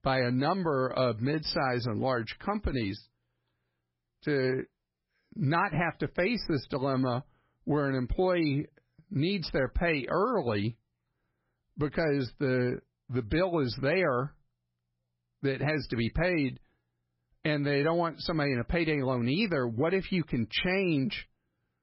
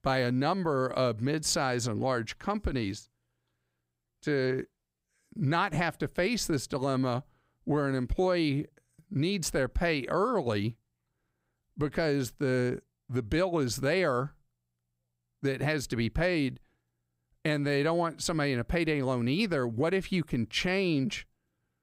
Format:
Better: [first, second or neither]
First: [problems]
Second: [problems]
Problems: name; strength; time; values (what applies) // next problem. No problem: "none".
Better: second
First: garbled, watery; badly; nothing above 5.5 kHz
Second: none